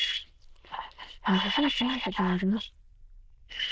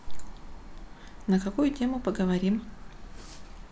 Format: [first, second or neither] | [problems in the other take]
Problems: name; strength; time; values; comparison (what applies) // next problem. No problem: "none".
second | noise reduction (neural diffusion model UNIVERSE++)